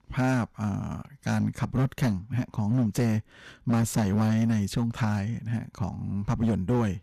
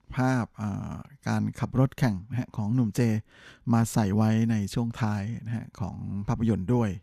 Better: second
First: distortion; slight; 7% of the sound clipped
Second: none

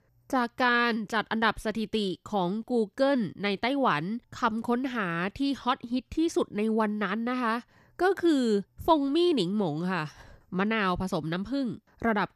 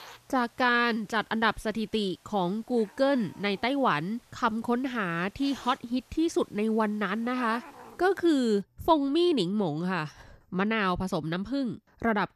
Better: first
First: none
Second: hiss; faint; until 8.5 s; 25 dB below the speech

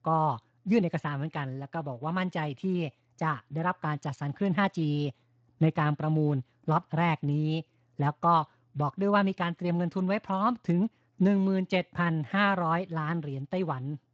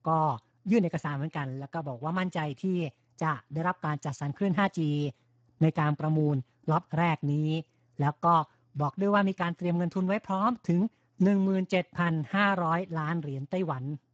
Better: first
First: garbled, watery; slightly; nothing above 7.5 kHz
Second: garbled, watery; badly; nothing above 7.5 kHz

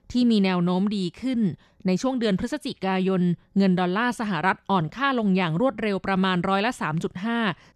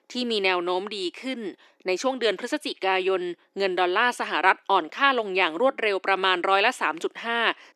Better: first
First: none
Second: thin; very; fading below 300 Hz

